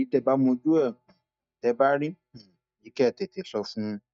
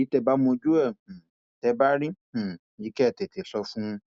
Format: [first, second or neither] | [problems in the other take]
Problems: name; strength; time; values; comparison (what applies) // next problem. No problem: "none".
second | noise reduction (neural mask model DeepFilterNet 3)